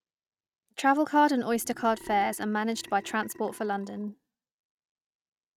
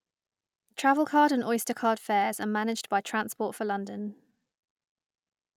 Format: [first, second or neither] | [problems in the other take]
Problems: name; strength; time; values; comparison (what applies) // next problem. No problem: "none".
second | noise reduction (neural mask model RNNoise)